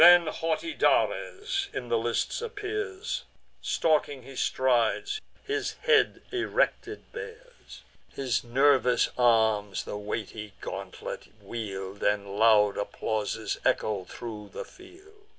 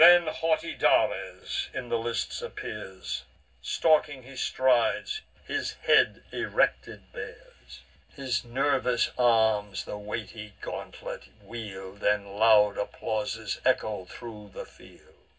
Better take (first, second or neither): first